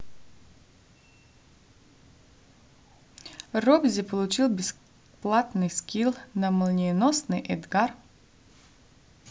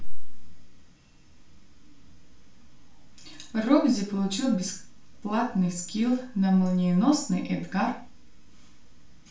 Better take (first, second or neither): first